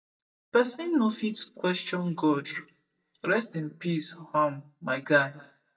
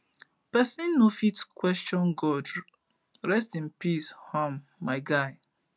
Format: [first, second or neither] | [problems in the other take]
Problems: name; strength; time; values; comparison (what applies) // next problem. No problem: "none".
second | noise reduction (neural mask model DeepFilterNet 3)